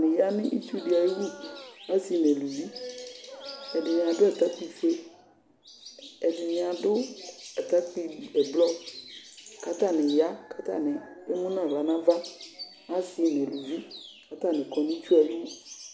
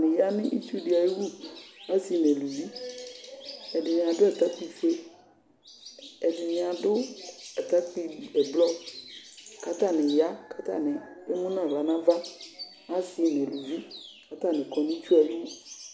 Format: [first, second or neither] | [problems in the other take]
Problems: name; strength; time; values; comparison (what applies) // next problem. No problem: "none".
second | background sound (Dog); 18 dB below the speech